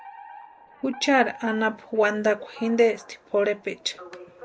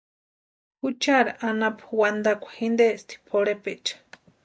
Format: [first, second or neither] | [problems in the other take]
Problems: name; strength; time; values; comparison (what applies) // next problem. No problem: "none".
second | background sound (Alarm); 19 dB below the speech